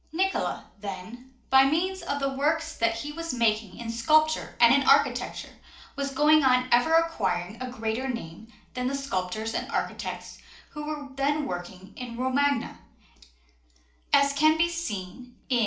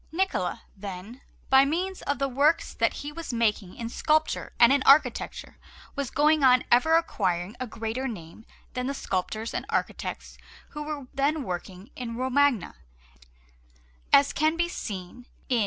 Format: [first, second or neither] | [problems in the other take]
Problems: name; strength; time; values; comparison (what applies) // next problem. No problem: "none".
second | room echo; dies away in 0.4 s